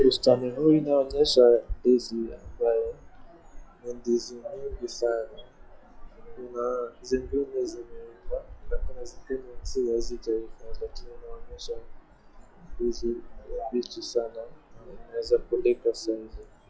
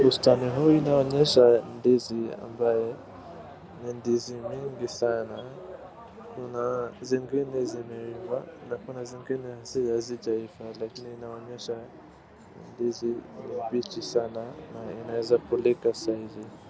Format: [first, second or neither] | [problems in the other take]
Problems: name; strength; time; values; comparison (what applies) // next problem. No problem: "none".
second | noise reduction (classical method log-MMSE)